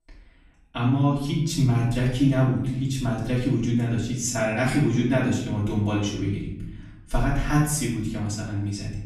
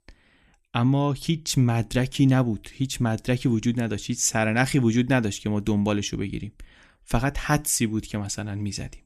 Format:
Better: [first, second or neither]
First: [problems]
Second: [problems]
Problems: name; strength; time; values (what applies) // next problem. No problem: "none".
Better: second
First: off-mic speech; far // room echo; noticeable; dies away in 1.1 s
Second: none